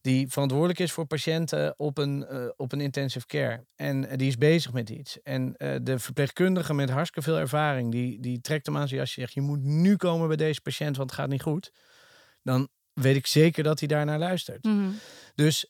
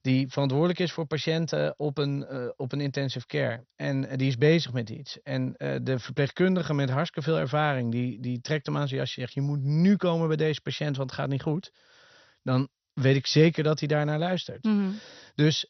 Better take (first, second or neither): first